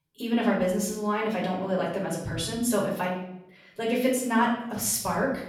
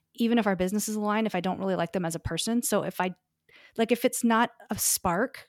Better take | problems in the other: second | room echo; noticeable; dies away in 0.7 s // off-mic speech; far

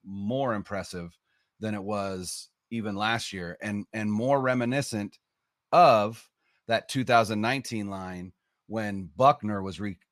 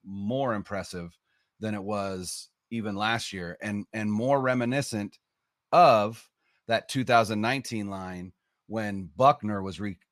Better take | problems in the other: neither | none

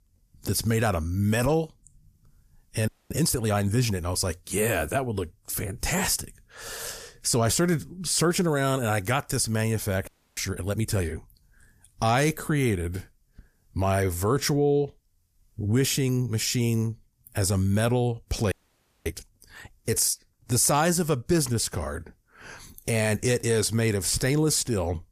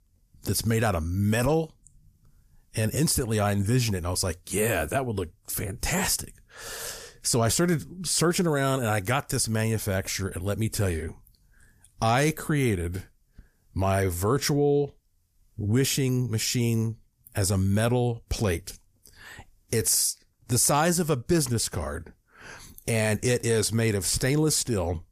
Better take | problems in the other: second | audio freezing; at 3 s, at 10 s and at 19 s for 0.5 s

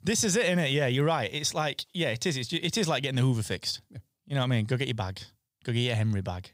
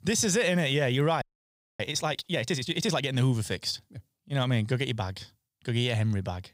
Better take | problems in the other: first | audio freezing; at 1 s for 0.5 s

